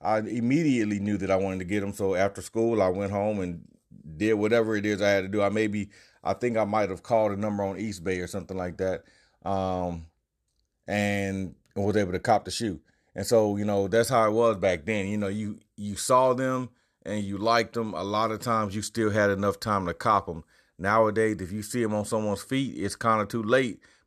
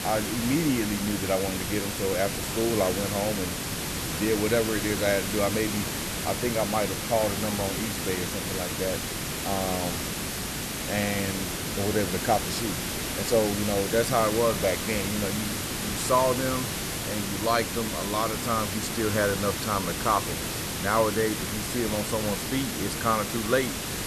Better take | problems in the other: first | hiss; loud; throughout; 2 dB below the speech

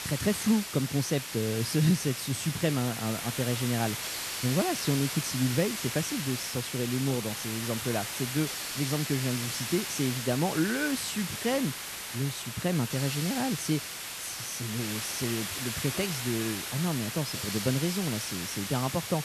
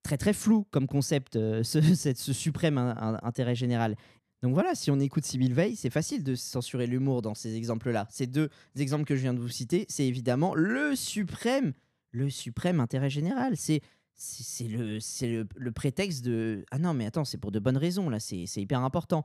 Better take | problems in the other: second | hiss; loud; throughout; 3 dB below the speech

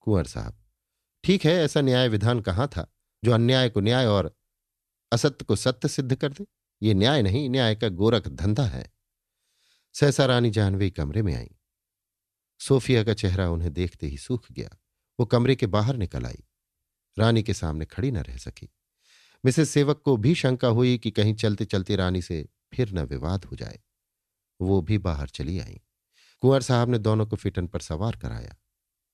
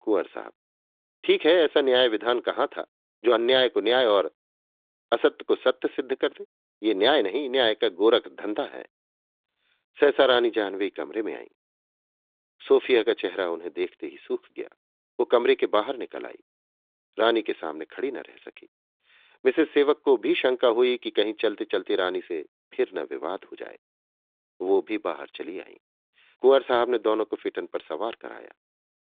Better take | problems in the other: first | phone-call audio; nothing above 3.5 kHz

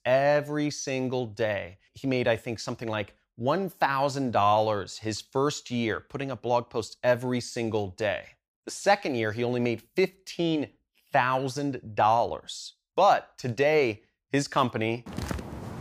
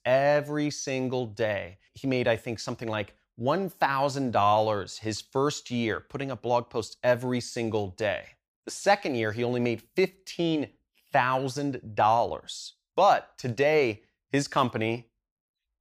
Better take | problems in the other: second | footsteps; noticeable; at 15 s; peak 7 dB below the speech

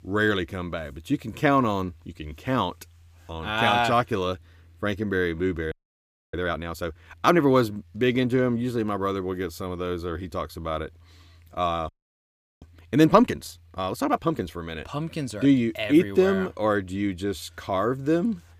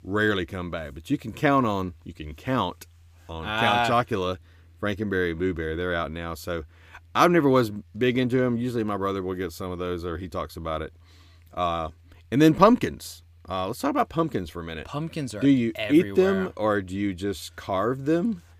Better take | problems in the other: second | audio freezing; at 5.5 s for 0.5 s and at 12 s for 0.5 s

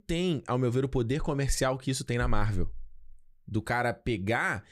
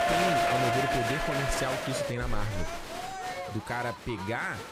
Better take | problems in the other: first | crowd noise; very loud; throughout; 3 dB above the speech

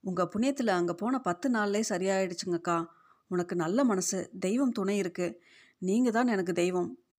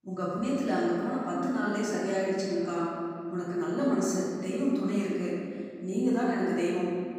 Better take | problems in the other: first | room echo; strong; dies away in 2.2 s // off-mic speech; far

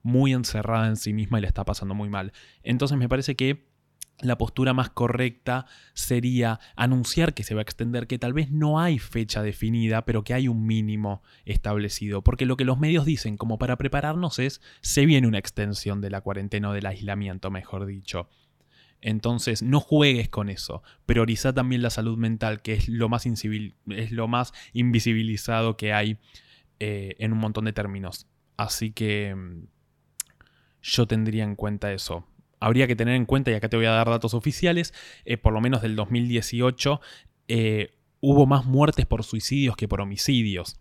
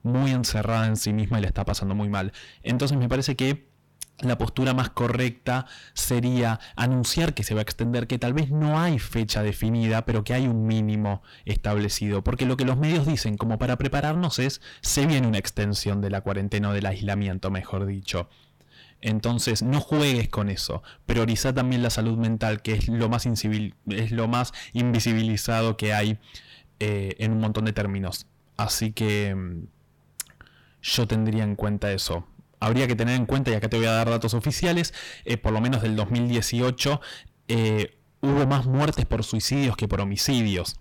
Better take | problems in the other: first | distortion; heavy; 7 dB below the speech

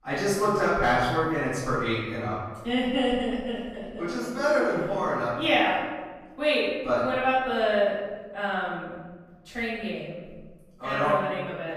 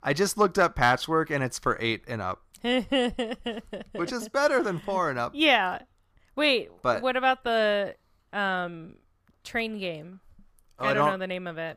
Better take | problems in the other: second | off-mic speech; far // room echo; strong; dies away in 1.3 s

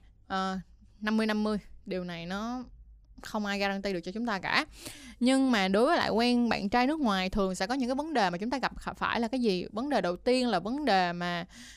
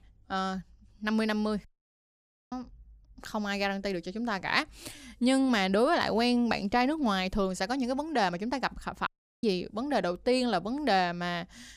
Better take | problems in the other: first | audio cutting out; at 1.5 s for 1 s and at 9 s

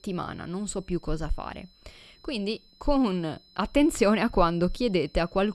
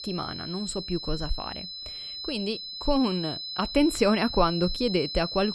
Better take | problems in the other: first | high-pitched whine; loud; throughout; 4 kHz, 7 dB below the speech; faint in the first

